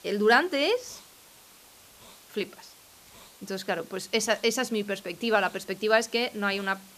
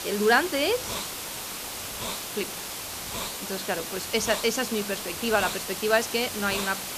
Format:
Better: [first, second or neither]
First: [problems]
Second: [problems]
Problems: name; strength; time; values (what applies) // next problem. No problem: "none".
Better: first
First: hiss; faint; throughout; 25 dB below the speech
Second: hiss; loud; throughout; 5 dB below the speech